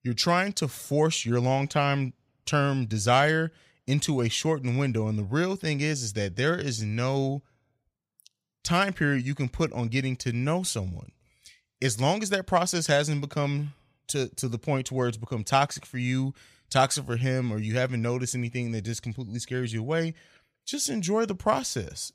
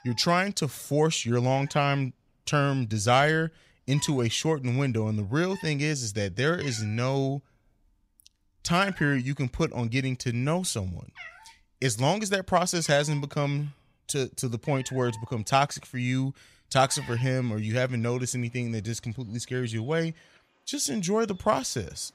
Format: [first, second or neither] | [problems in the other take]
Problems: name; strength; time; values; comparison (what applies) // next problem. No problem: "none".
first | animal sounds; faint; throughout; 20 dB below the speech